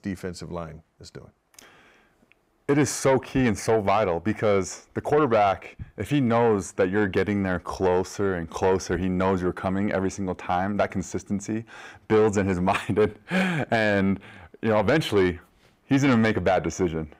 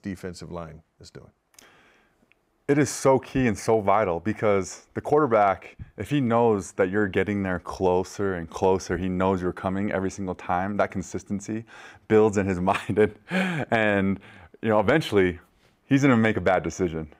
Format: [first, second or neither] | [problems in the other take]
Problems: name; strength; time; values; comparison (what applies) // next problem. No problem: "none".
second | distortion; slight; 10 dB below the speech